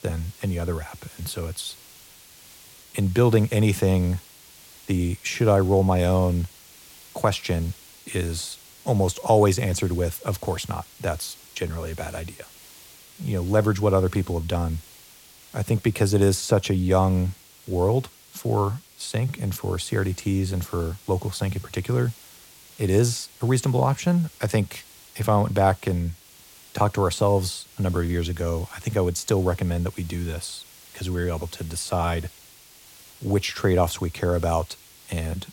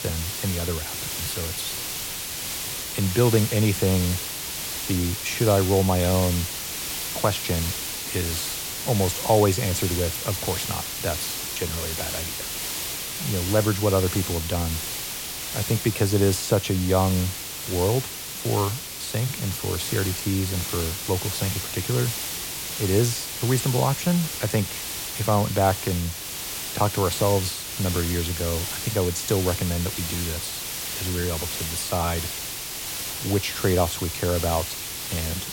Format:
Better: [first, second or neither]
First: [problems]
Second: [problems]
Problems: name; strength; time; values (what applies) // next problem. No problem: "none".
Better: first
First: hiss; faint; throughout; 20 dB below the speech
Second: hiss; loud; throughout; 3 dB below the speech